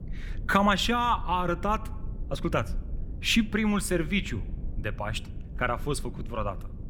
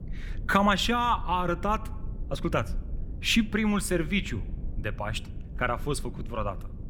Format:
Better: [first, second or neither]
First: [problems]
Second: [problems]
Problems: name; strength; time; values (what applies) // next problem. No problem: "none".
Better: neither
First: low rumble; faint; throughout; 25 dB below the speech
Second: low rumble; faint; throughout; 25 dB below the speech